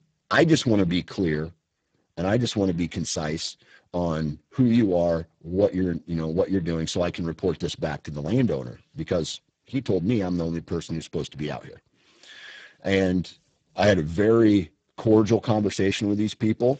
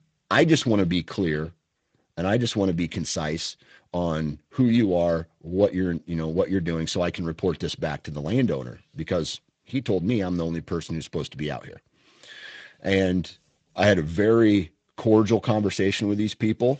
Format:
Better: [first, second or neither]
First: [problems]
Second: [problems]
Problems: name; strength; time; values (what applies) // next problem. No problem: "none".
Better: second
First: garbled, watery; badly; nothing above 7.5 kHz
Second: garbled, watery; slightly; nothing above 7.5 kHz